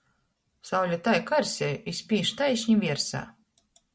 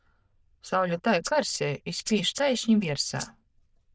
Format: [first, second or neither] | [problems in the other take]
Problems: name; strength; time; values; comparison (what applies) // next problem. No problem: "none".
first | noise reduction (neural diffusion model UNIVERSE++)